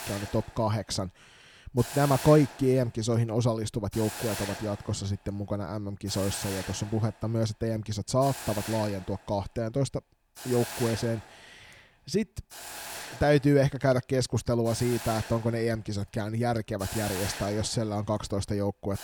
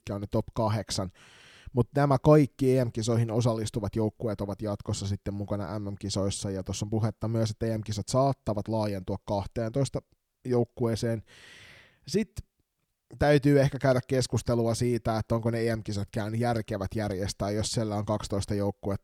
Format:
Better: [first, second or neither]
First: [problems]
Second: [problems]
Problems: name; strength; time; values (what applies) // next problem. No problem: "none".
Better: second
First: hiss; loud; throughout; 10 dB below the speech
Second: none